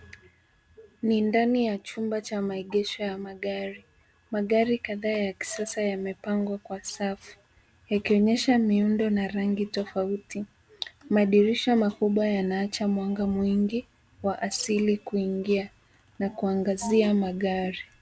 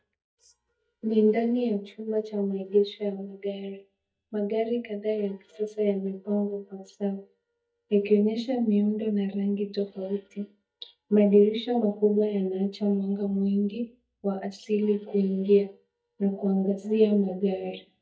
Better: first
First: none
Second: noise reduction (neural mask model DeepFilterNet 3)

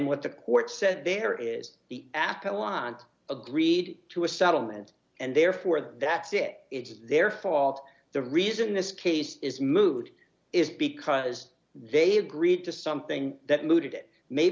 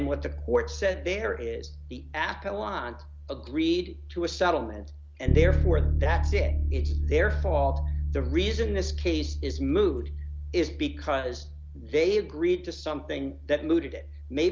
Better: first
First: none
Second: background sound (Bass guitar); 1 dB below the speech

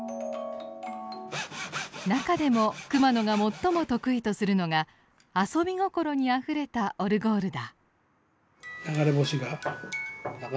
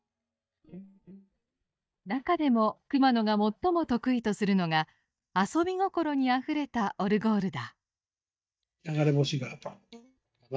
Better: first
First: none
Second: noise reduction (neural mask model DeepFilterNet 3)

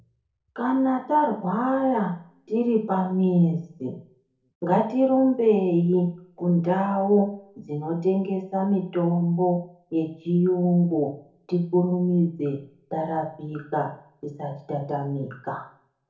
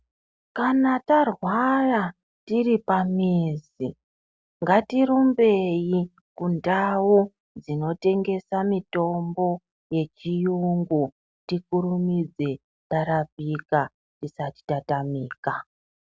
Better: second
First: room echo; dies away in 0.5 s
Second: none

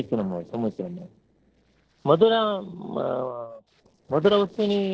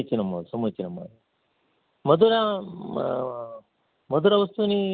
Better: second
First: noise reduction (neural separator model SepFormer DNS4)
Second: none

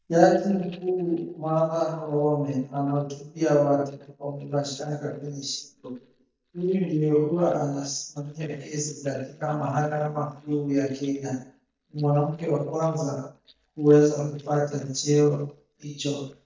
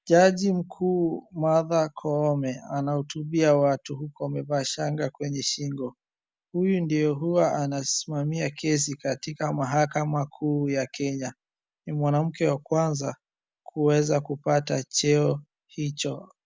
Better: second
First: noise reduction (neural mask model DeepFilterNet 3)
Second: none

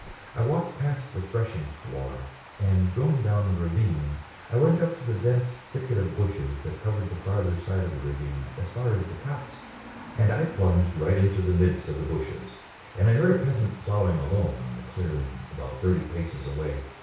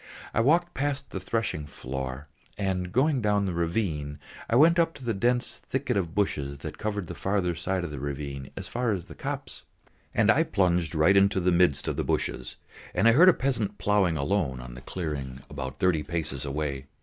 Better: second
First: background sound (Water); 20 dB below the speech // room echo; dies away in 0.6 s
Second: none

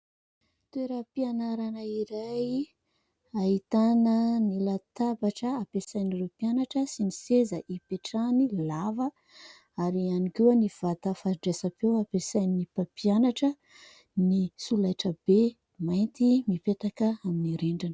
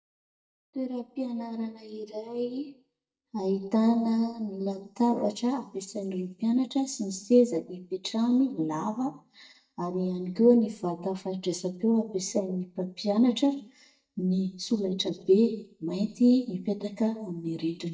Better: first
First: none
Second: noise reduction (neural mask model DeepFilterNet 3)

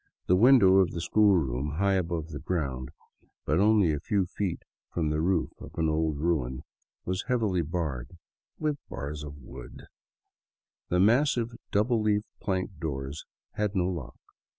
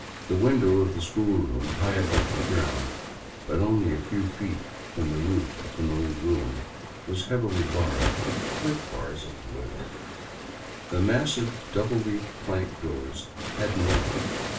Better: first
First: none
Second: background sound (Waves, surf); 5 dB below the speech // room echo; dies away in 0.3 s

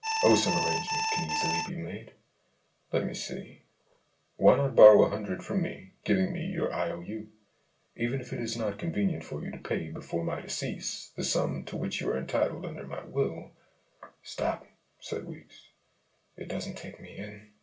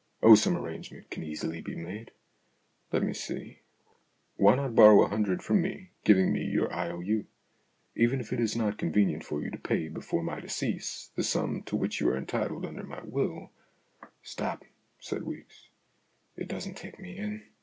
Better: second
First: background sound (Alarm); as loud as the speech // room echo; dies away in 0.2 s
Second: none

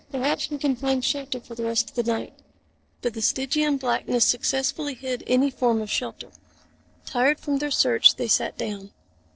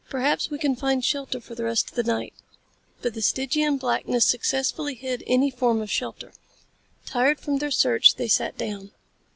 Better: second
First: noise reduction (neural separator model SepFormer DNS4)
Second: none

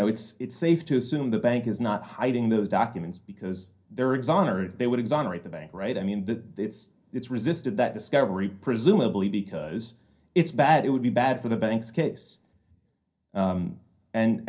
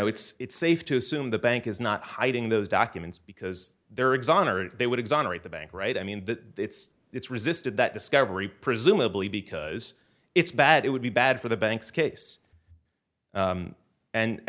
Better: second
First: room echo; dies away in 0.3 s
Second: none

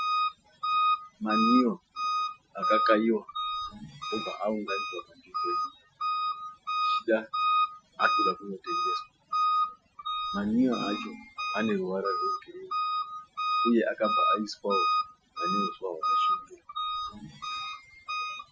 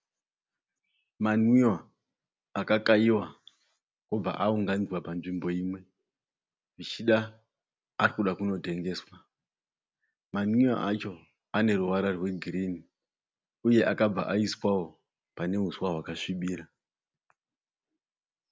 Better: second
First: noise reduction (classical method Wiener filter)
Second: none

